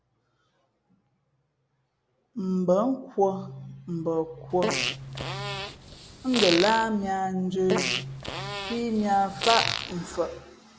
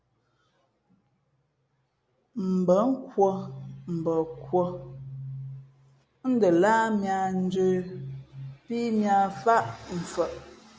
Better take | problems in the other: second | background sound (Fart); 3 dB below the speech

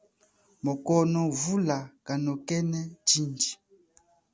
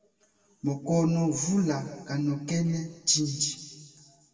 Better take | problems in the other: first | room echo; dies away in 1.6 s

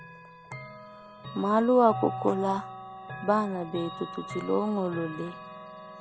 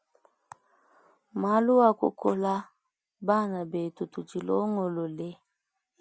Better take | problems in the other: second | background sound (Chime / Clock); 11 dB below the speech

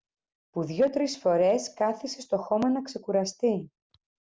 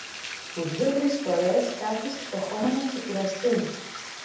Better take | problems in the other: first | background sound (Bathtub (filling or washing)); 11 dB below the speech // room echo; dies away in 0.8 s

